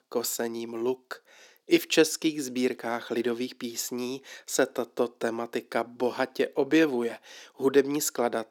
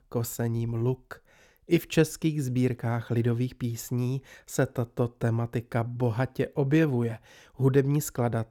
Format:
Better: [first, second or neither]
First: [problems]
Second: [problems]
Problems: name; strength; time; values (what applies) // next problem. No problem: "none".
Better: second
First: thin; somewhat; fading below 250 Hz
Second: none